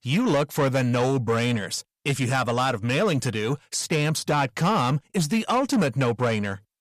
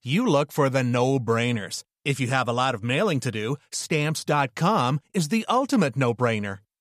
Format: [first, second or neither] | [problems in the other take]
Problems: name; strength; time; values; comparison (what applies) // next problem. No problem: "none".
second | distortion; slight; 10 dB below the speech